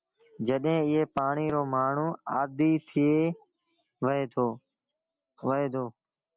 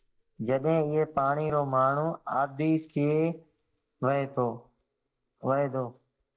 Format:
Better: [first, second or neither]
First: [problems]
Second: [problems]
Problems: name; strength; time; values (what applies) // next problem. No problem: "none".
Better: first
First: none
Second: noise reduction (neural mask model DeepFilterNet 3)